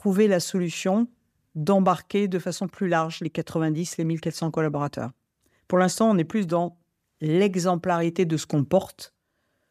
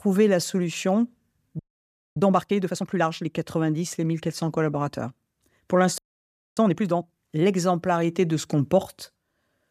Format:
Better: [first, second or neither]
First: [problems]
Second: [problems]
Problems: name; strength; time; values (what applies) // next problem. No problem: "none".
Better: first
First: none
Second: audio freezing; at 1.5 s for 0.5 s and at 6 s for 0.5 s